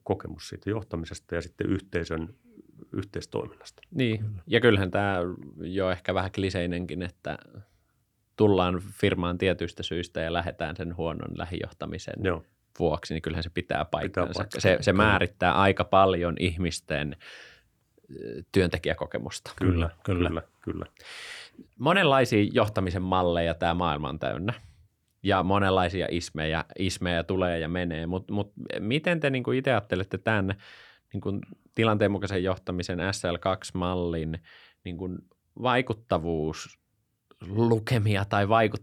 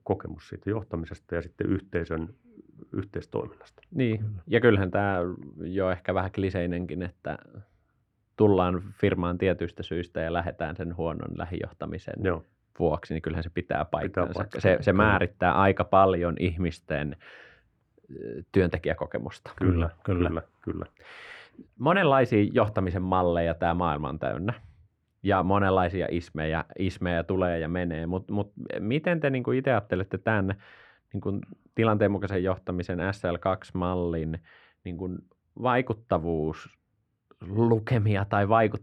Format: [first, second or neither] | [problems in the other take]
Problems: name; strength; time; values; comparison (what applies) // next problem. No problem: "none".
first | muffled; slightly; fading above 3.5 kHz